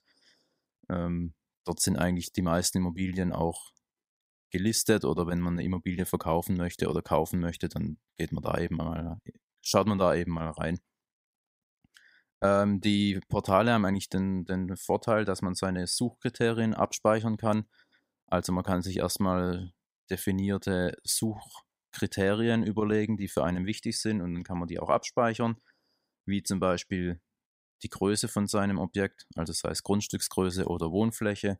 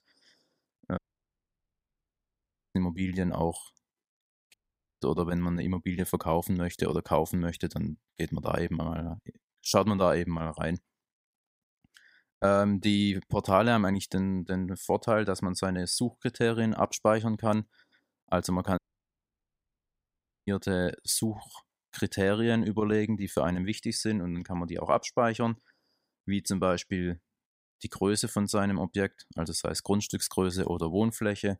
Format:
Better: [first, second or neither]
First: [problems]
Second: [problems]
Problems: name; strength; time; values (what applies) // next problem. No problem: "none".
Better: first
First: none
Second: audio cutting out; at 1 s for 2 s, at 4.5 s and at 19 s for 1.5 s